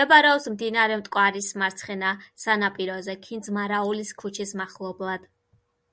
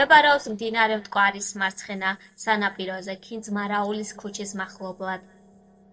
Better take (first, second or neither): first